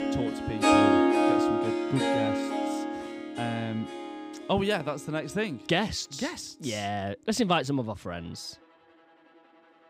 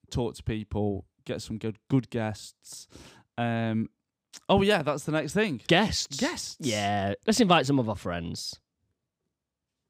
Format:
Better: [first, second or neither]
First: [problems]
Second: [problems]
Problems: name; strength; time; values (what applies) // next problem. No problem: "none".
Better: second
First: background music; very loud; throughout; 5 dB above the speech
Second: none